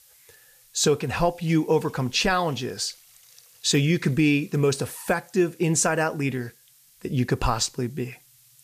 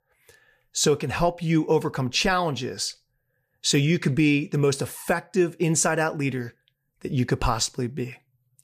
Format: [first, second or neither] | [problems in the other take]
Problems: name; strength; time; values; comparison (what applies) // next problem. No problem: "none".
second | hiss; faint; throughout; 30 dB below the speech